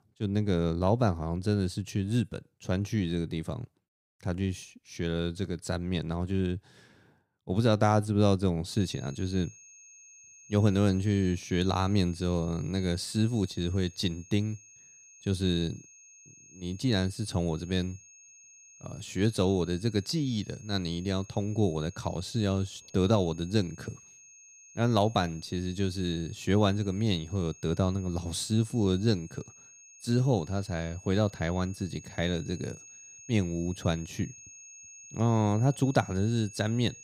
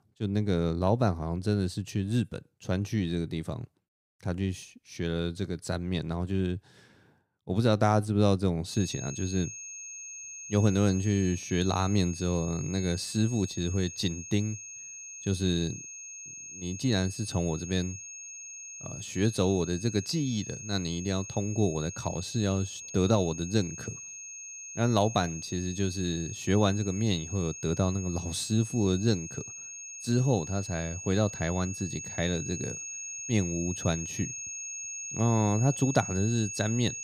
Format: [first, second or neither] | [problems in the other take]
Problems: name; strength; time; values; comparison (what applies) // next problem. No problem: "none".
first | high-pitched whine; loud; from 8.5 s on; 6.5 kHz, 9 dB below the speech; faint in the first